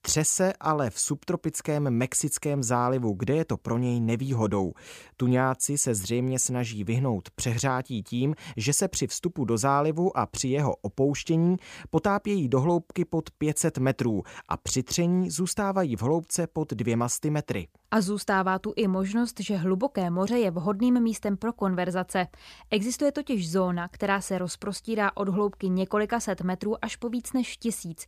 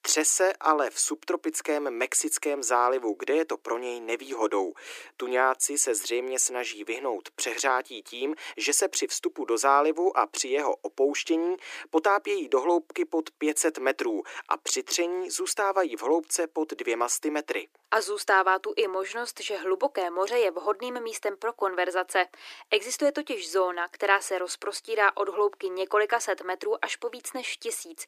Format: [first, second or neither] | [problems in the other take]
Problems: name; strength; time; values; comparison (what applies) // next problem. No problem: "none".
first | thin; very; fading below 300 Hz